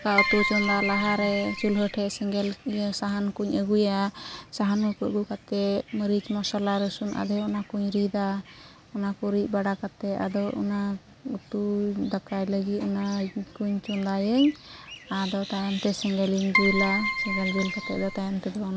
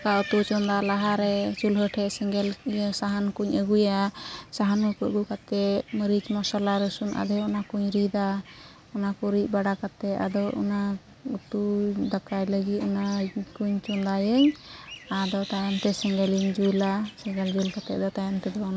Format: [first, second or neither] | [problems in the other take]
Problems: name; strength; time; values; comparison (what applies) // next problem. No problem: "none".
second | background sound (Keyboard (musical)); 1 dB below the speech